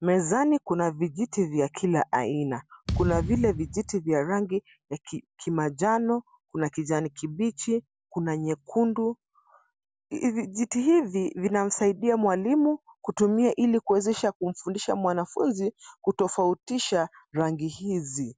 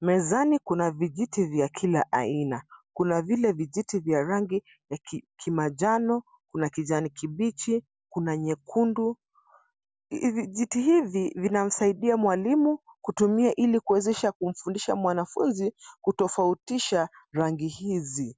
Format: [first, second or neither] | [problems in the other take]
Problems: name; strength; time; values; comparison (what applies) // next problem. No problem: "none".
second | background sound (Thump, thud); 5 dB below the speech